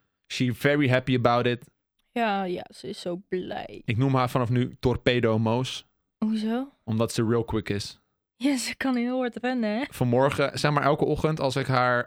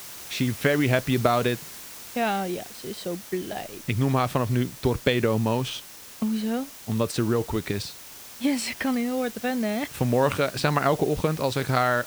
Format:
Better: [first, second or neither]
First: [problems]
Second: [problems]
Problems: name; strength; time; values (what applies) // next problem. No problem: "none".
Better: first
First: none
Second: hiss; noticeable; throughout; 15 dB below the speech